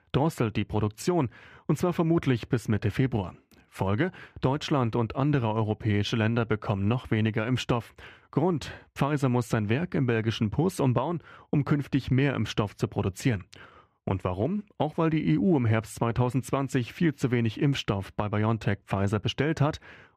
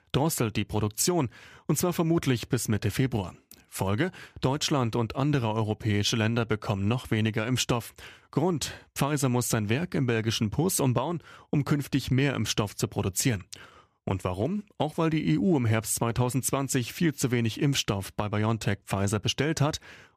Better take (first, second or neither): second